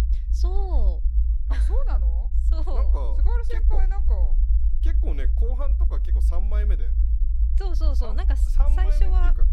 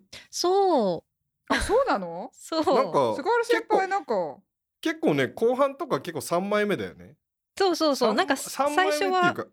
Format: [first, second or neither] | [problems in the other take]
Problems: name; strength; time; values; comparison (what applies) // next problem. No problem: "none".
second | low rumble; loud; throughout; 7 dB below the speech